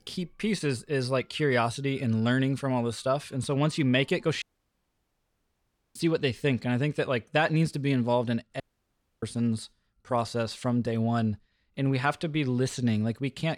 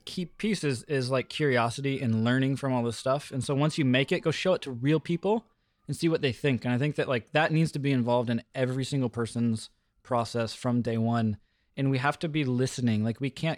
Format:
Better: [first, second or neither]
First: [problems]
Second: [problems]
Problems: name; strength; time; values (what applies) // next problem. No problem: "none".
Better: second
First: audio cutting out; at 4.5 s for 1.5 s and at 8.5 s for 0.5 s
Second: none